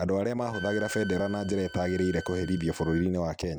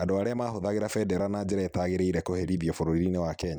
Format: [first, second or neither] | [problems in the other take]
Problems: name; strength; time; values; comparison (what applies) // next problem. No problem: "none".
second | background sound (Wind instrument, woodwind instrument); 14 dB below the speech